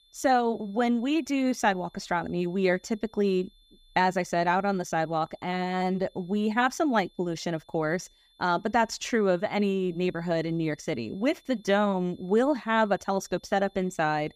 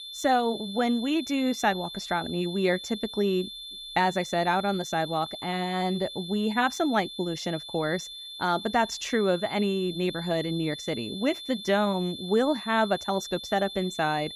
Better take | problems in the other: first | high-pitched whine; loud; throughout; 3.5 kHz, 10 dB below the speech; faint in the first

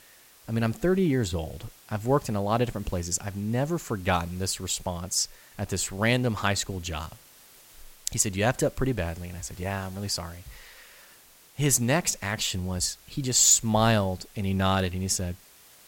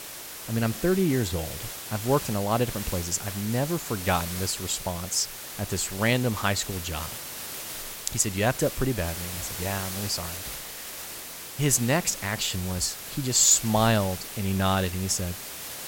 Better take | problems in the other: first | hiss; loud; throughout; 9 dB below the speech; faint in the first

